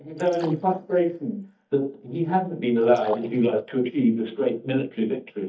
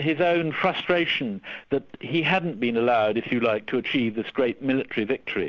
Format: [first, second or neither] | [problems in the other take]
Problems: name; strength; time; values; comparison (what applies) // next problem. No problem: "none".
second | noise reduction (neural mask model DeepFilterNet 3)